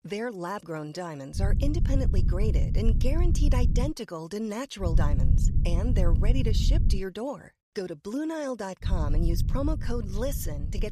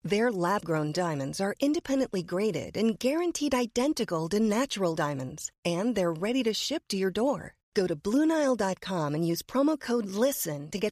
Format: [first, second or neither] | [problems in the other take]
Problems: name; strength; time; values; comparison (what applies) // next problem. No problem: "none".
second | low rumble; loud; from 1.5 to 4 s, from 5 to 7 s and from 9 s on; 8 dB below the speech